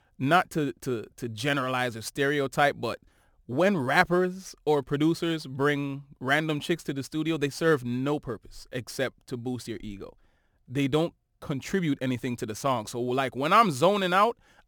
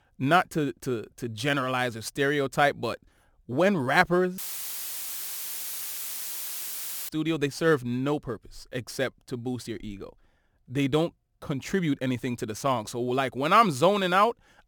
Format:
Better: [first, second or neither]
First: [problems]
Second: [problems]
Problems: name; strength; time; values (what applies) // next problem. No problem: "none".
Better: first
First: none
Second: audio cutting out; filled with static; at 4.5 s for 2.5 s